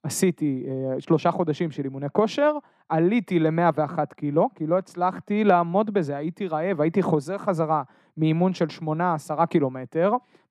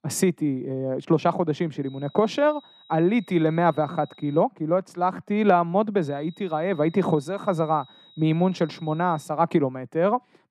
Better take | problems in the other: first | high-pitched whine; faint; from 2 to 4.5 s and from 6 to 9.5 s; 4 kHz, 25 dB below the speech

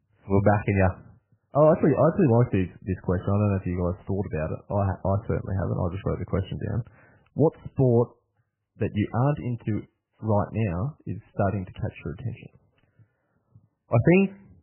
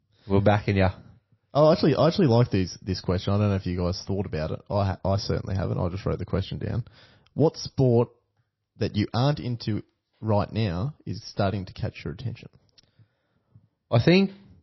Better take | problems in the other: second | garbled, watery; badly; nothing above 3 kHz; slightly in the second

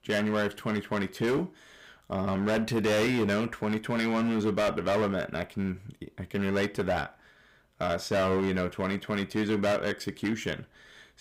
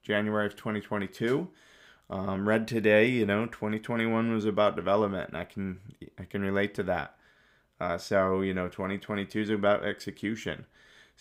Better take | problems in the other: second | distortion; heavy; 13% of the sound clipped

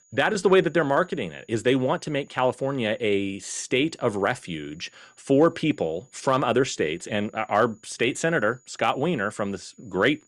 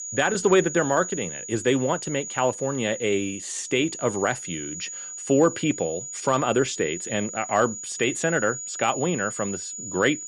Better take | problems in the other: first | high-pitched whine; loud; throughout; 7 kHz, 8 dB below the speech; faint in the first

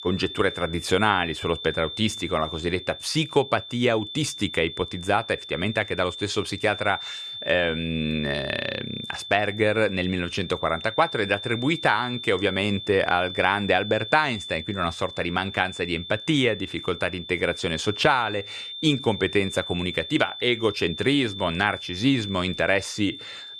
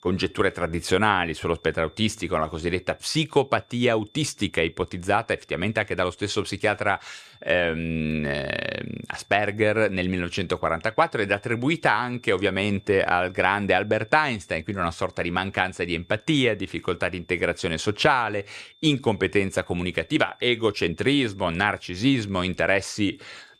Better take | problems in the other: second | high-pitched whine; loud; throughout; 3.5 kHz, 10 dB below the speech; faint in the second

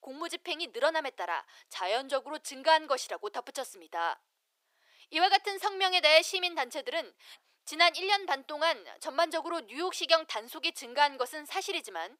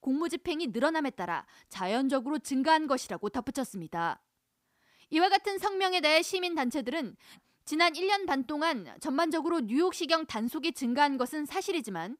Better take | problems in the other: second | thin; very; fading below 400 Hz

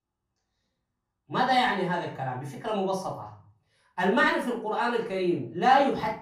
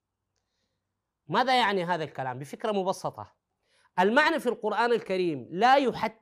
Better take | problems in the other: second | off-mic speech; far // room echo; slight; dies away in 0.4 s

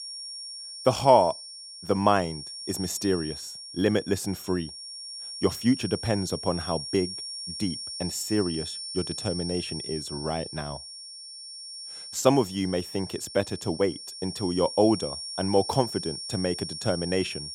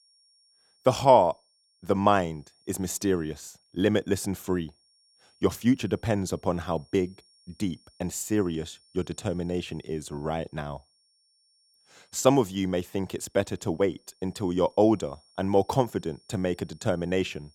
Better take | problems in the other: second | high-pitched whine; loud; throughout; 5.5 kHz, 8 dB below the speech; faint in the second

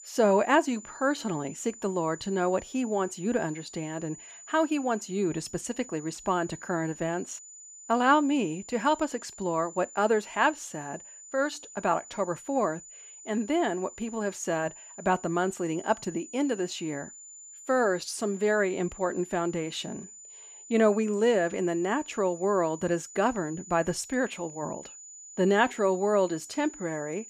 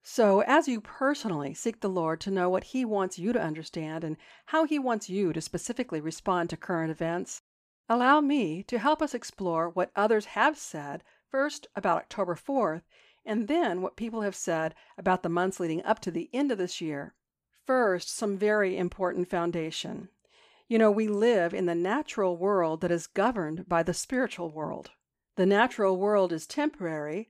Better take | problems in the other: second | high-pitched whine; noticeable; throughout; 7 kHz, 15 dB below the speech

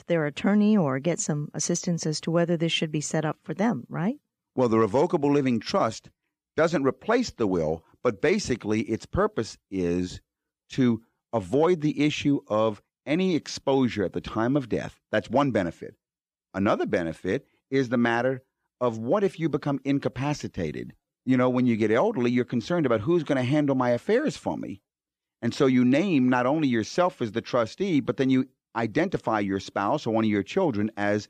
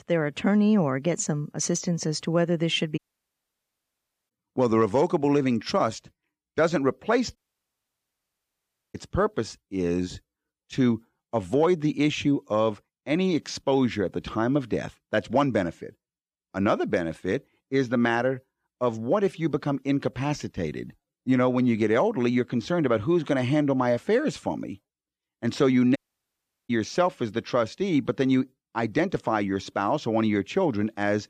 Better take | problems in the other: first | audio cutting out; at 3 s for 1.5 s, at 7.5 s for 1.5 s and at 26 s for 0.5 s

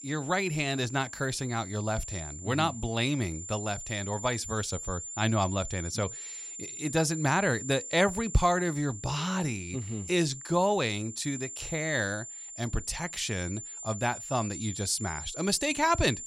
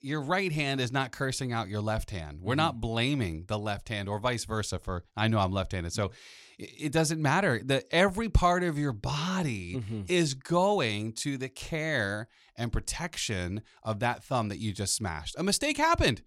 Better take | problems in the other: second | high-pitched whine; loud; throughout; 7 kHz, 9 dB below the speech

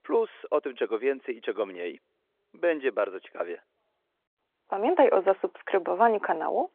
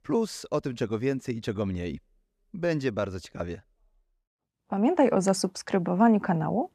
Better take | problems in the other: second | phone-call audio; nothing above 3.5 kHz

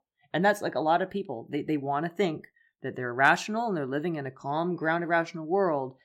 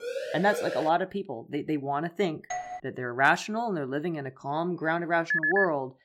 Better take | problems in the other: first | siren; noticeable; at the start; peak 5 dB below the speech // doorbell; noticeable; at 2.5 s; peak 7 dB below the speech // phone ringing; loud; at 5.5 s; peak 4 dB above the speech

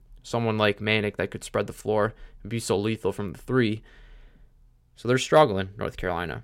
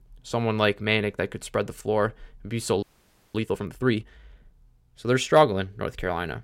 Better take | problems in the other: first | audio freezing; at 3 s for 0.5 s

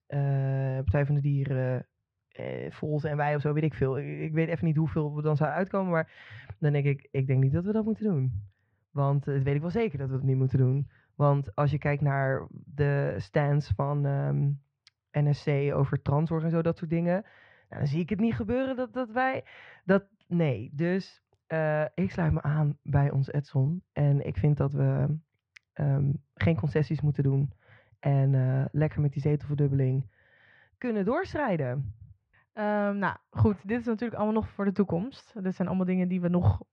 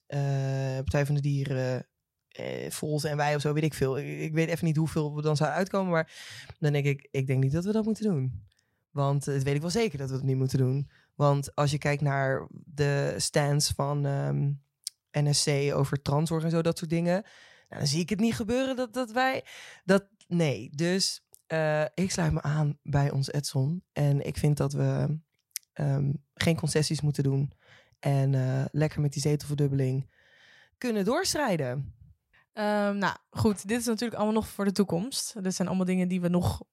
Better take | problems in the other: second | muffled; very; fading above 2.5 kHz

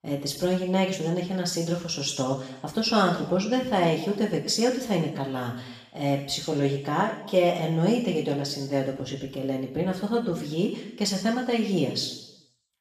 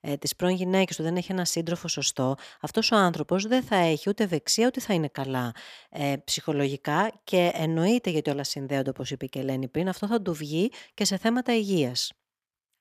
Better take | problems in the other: second | room echo; noticeable; dies away in 0.8 s // off-mic speech; far

